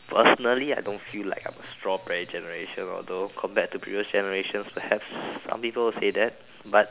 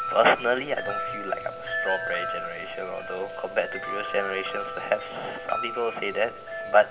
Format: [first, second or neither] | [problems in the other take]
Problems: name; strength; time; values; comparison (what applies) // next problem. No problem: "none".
first | background sound (Wind chime); 6 dB below the speech // room echo; dies away in 0.5 s